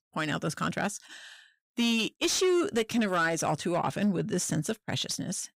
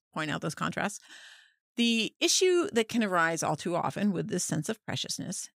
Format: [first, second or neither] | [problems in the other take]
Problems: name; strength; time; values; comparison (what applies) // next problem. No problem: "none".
second | distortion; slight; 10 dB below the speech